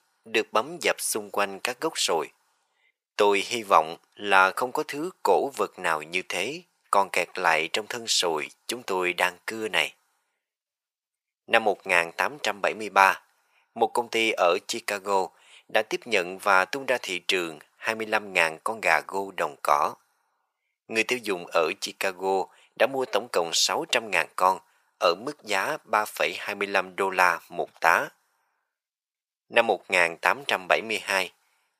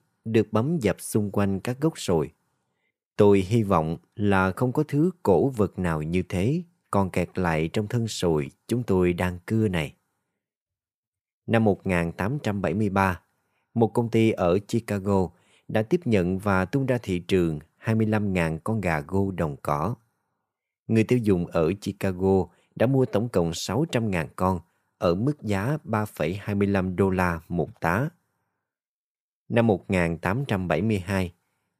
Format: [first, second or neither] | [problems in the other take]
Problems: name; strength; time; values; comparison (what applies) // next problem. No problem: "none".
second | thin; very; fading below 800 Hz